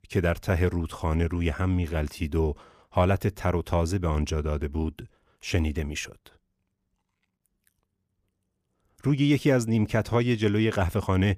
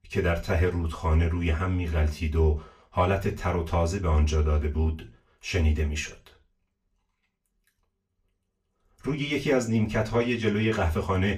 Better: first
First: none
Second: room echo; very slight; dies away in 0.3 s // off-mic speech; far

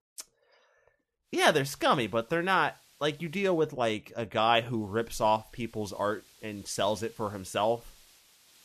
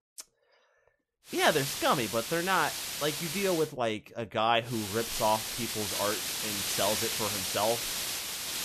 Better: first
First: hiss; faint; from 1.5 to 3.5 s and from 4.5 s on; 30 dB below the speech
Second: hiss; loud; from 1.5 to 3.5 s and from 4.5 s on; 2 dB below the speech

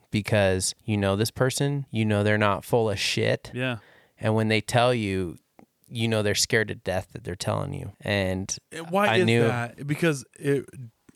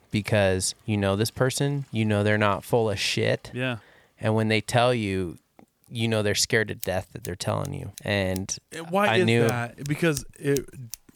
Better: first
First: none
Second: household noises; noticeable; throughout; 15 dB below the speech

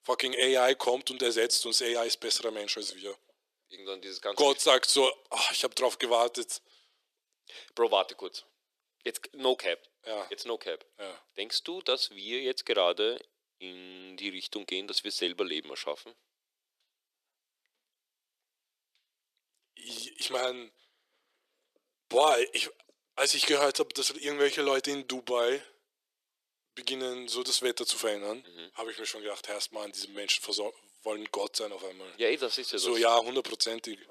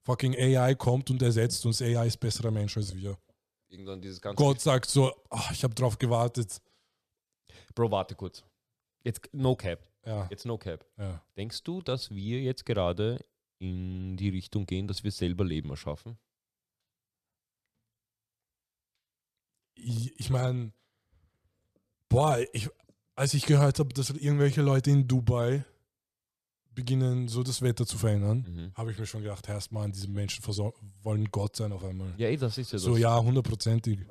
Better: second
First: thin; very; fading below 350 Hz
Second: none

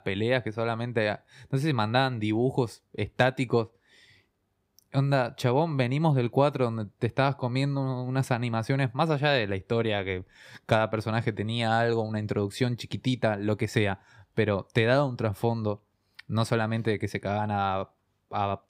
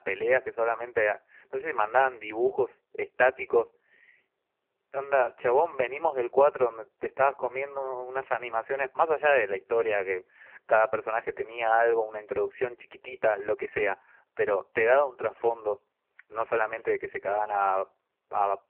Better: first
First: none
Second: phone-call audio; poor line

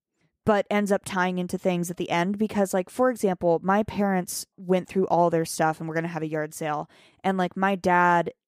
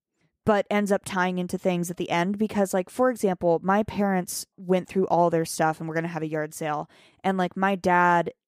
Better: neither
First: none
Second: none

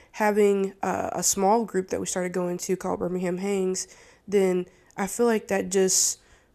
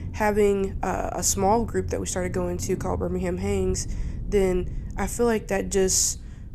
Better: first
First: none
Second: low rumble; faint; throughout; 20 dB below the speech

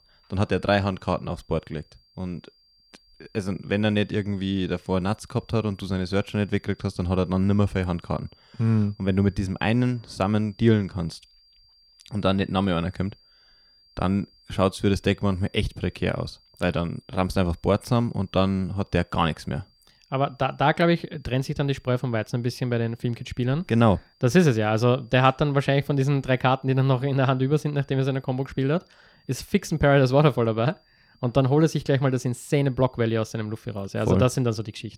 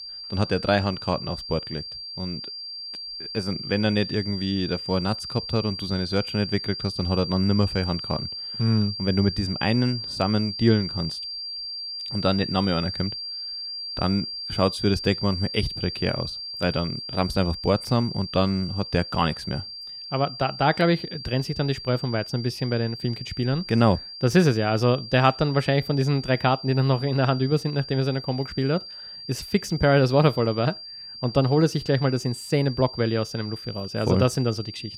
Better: first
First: high-pitched whine; faint; throughout; 4.5 kHz, 35 dB below the speech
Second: high-pitched whine; loud; throughout; 4.5 kHz, 8 dB below the speech

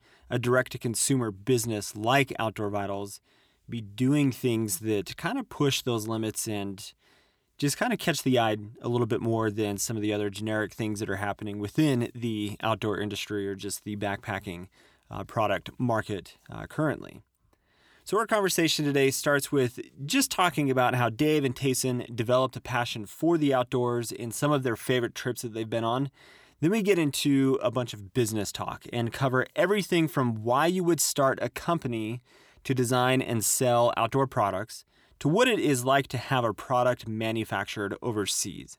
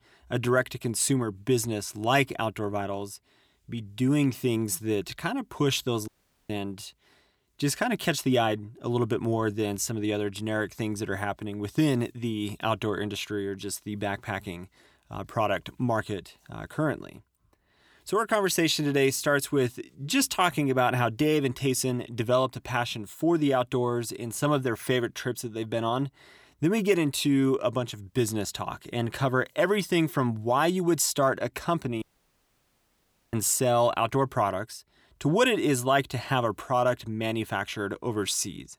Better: first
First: none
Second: audio cutting out; at 6 s and at 32 s for 1.5 s

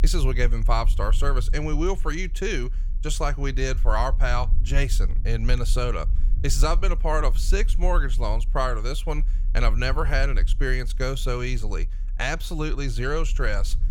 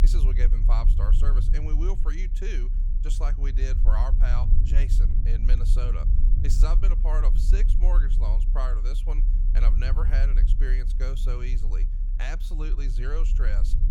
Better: first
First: low rumble; faint; throughout; 20 dB below the speech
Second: low rumble; loud; throughout; 8 dB below the speech

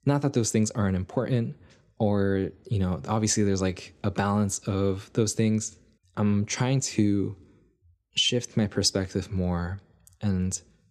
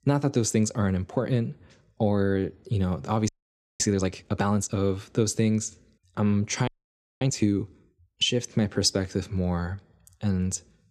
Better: first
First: none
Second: audio freezing; at 3.5 s for 0.5 s and at 6.5 s for 0.5 s

